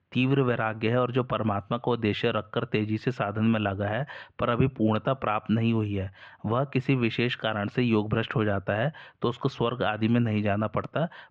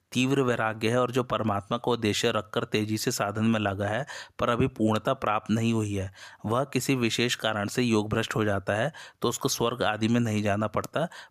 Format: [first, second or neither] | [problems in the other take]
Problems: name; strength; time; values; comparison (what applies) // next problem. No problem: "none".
second | muffled; very; fading above 3 kHz